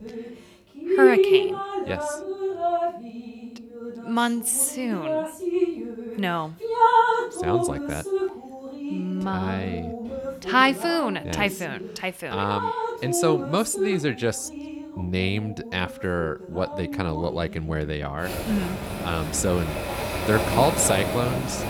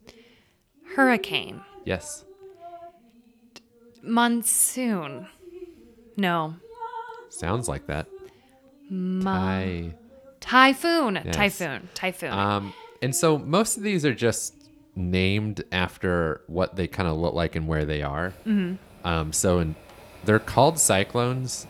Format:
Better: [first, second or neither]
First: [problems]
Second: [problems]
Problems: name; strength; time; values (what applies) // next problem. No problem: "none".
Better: second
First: rain or running water; loud; throughout; as loud as the speech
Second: rain or running water; faint; throughout; 20 dB below the speech